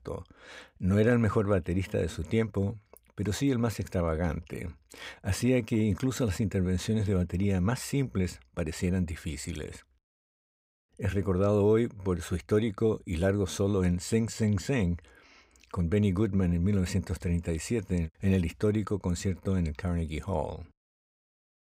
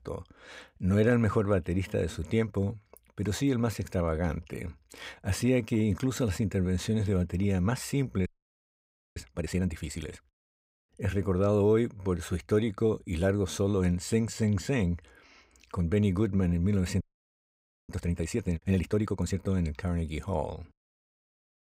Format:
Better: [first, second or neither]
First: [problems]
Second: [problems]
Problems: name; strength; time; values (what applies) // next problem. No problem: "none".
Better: first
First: none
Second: audio freezing; at 8.5 s for 1 s and at 17 s for 1 s